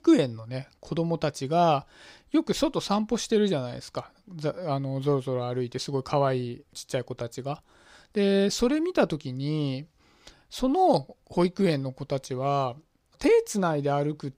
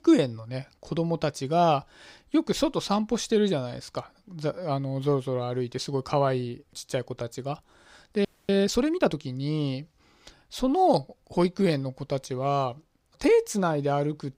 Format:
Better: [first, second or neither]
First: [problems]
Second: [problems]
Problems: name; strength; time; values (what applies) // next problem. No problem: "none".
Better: first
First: none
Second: audio freezing; at 8.5 s